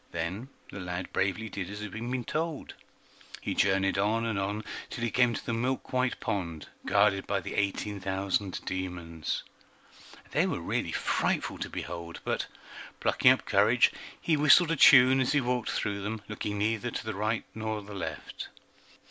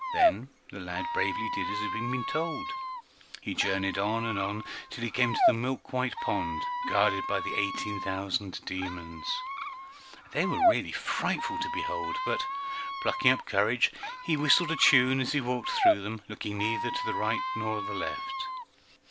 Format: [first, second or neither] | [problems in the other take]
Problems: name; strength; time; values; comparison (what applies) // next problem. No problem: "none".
first | background sound (Squeak); 1 dB below the speech